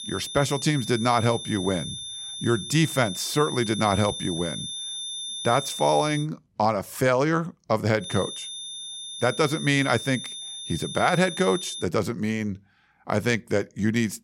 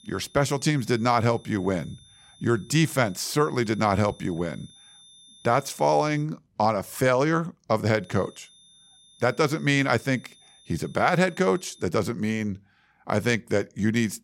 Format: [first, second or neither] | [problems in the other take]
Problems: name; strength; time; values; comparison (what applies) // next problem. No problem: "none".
second | high-pitched whine; loud; until 6 s and from 8 to 12 s; 3.5 kHz, 8 dB below the speech; faint in the second